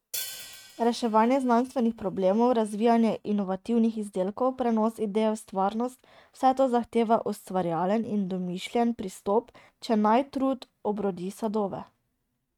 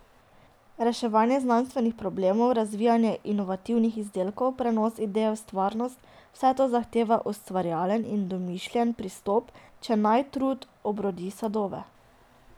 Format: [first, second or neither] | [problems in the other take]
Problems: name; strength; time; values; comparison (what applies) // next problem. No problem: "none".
second | noise reduction (neural mask model RNNoise)